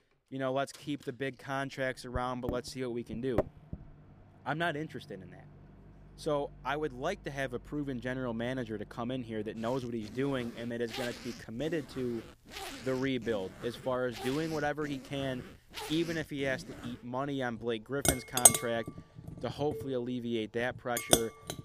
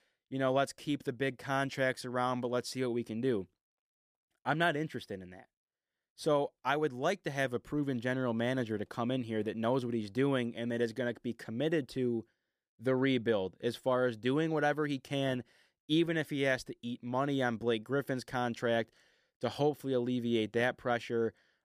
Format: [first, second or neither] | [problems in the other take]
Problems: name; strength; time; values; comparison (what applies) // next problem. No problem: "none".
second | household noises; very loud; throughout; 4 dB above the speech